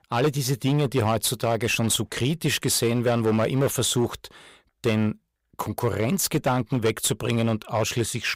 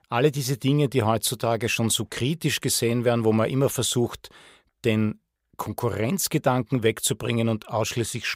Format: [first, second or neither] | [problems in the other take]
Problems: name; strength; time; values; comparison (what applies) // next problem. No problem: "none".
second | distortion; slight; 9% of the sound clipped